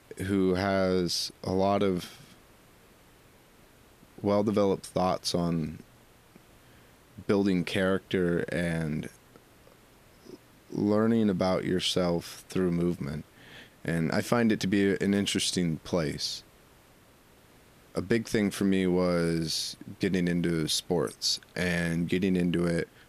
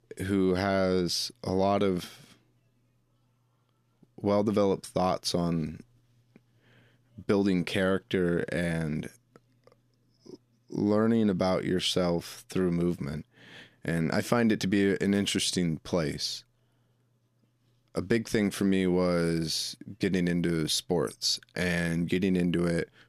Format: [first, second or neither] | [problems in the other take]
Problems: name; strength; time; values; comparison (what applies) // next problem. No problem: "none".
second | hiss; faint; throughout; 30 dB below the speech